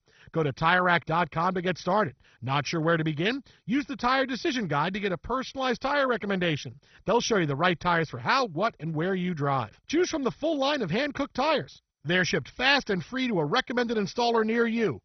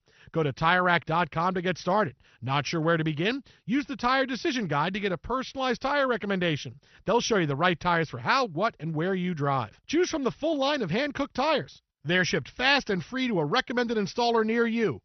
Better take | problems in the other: second | garbled, watery; badly; nothing above 6 kHz; slightly in the second

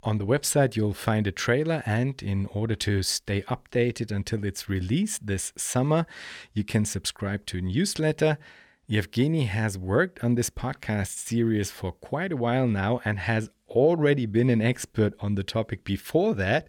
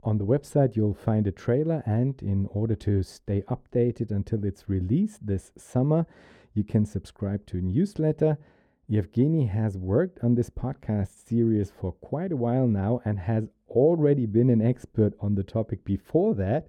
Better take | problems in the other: first | muffled; very; fading above 1 kHz

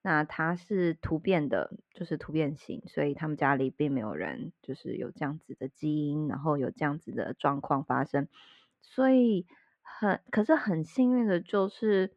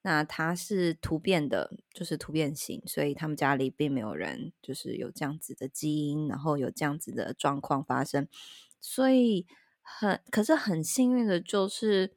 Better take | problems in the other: second | muffled; very; fading above 2 kHz

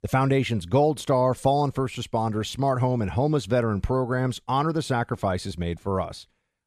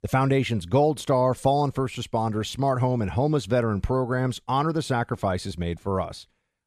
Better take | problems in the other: neither | none

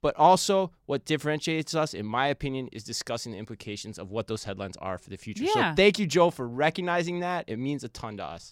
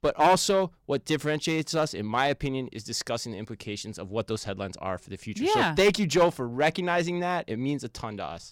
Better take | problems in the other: first | distortion; slight; 3% of the sound clipped

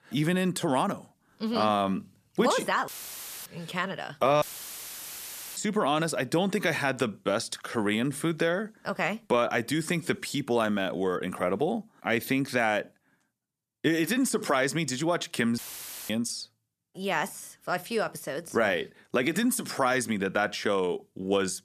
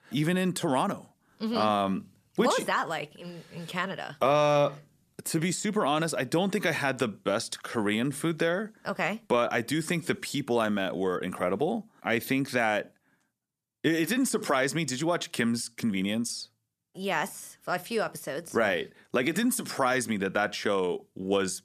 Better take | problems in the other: second | audio cutting out; filled with static; at 3 s for 0.5 s, at 4.5 s for 1 s and at 16 s for 0.5 s

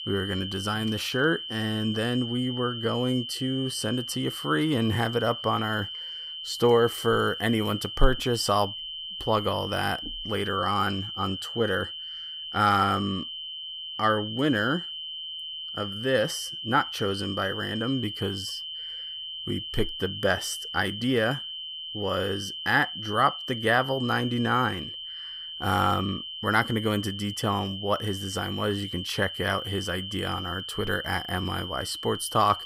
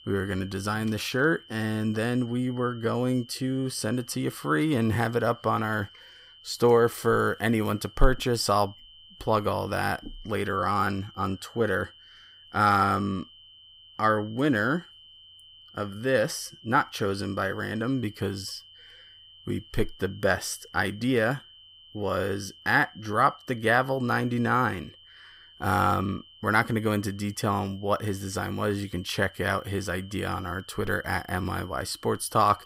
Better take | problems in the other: second | high-pitched whine; loud; throughout; 3 kHz, 7 dB below the speech; faint in the second

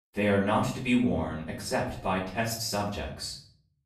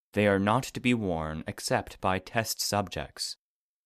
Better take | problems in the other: second | off-mic speech; far // room echo; noticeable; dies away in 0.5 s

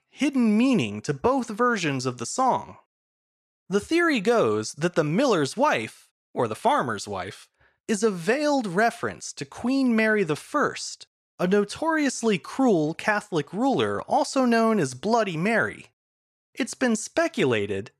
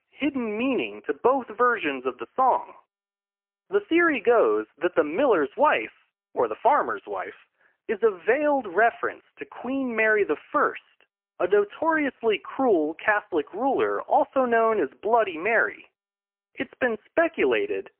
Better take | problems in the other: first | phone-call audio; poor line; nothing above 3 kHz

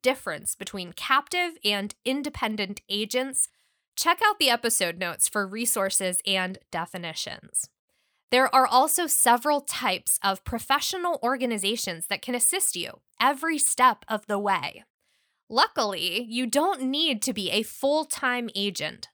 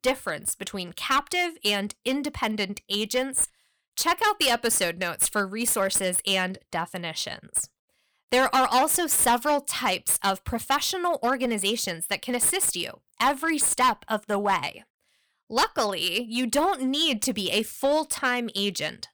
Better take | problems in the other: first | distortion; slight; 5% of the sound clipped

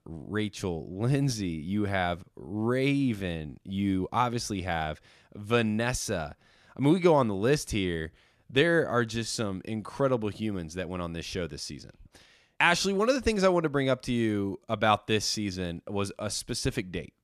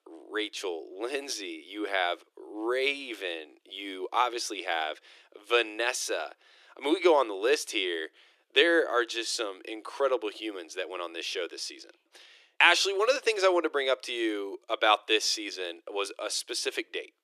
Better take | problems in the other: first | thin; very; fading below 350 Hz

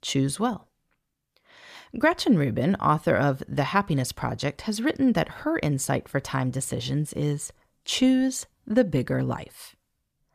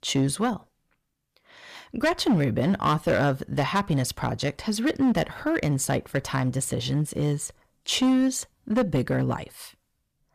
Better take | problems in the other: first | distortion; slight; 6% of the sound clipped

